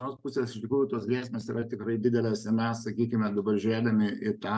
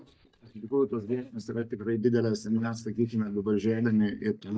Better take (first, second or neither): first